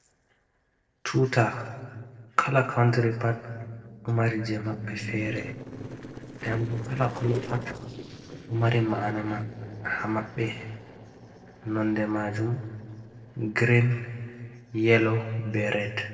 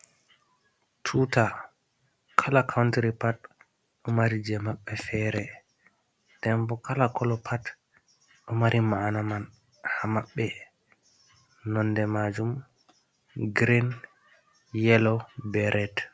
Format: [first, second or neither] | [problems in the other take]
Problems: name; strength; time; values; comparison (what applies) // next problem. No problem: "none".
second | noise reduction (neural separator model SepFormer DNS4)